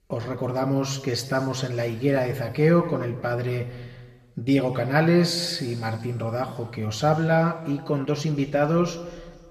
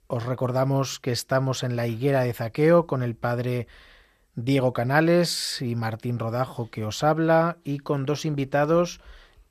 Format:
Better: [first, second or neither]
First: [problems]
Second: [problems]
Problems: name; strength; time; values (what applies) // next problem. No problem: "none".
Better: second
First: room echo; slight; dies away in 1.5 s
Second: none